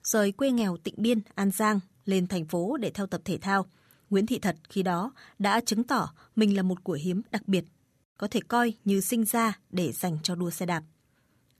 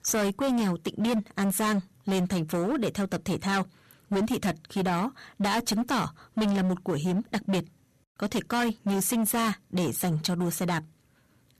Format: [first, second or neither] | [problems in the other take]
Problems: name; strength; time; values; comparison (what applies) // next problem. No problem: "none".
first | distortion; heavy; 20% of the sound clipped